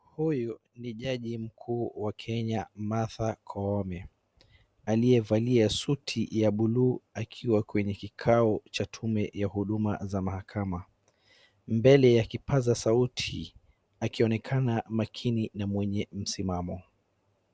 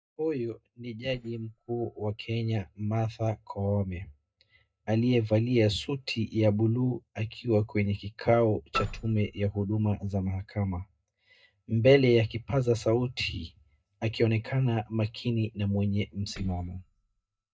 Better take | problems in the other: first | noise reduction (neural mask model DeepFilterNet 3)

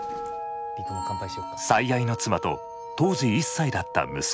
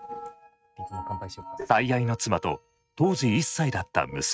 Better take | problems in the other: first | noise reduction (neural mask model RNNoise)

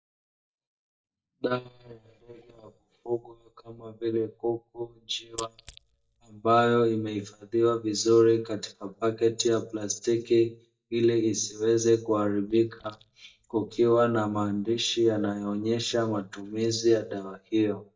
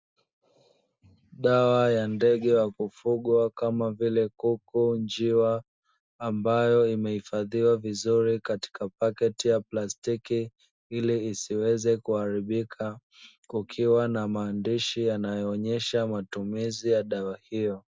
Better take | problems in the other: second | noise reduction (neural mask model DeepFilterNet 3)

